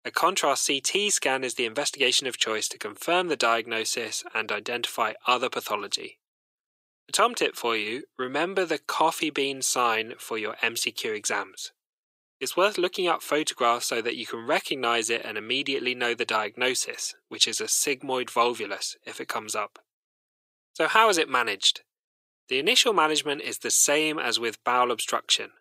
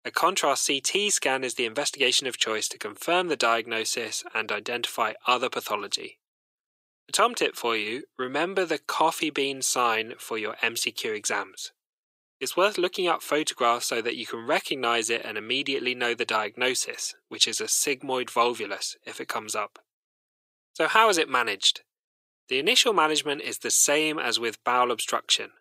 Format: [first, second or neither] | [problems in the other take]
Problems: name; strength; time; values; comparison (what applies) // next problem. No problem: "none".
neither | thin; very; fading below 350 Hz; the same in both